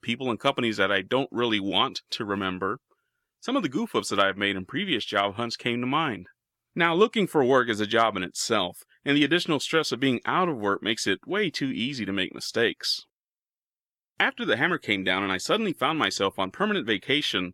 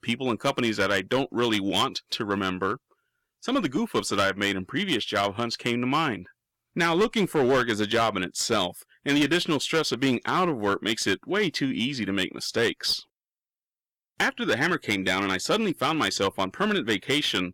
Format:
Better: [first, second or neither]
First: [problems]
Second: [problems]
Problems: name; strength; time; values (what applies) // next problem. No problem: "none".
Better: first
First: none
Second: distortion; slight; 6% of the sound clipped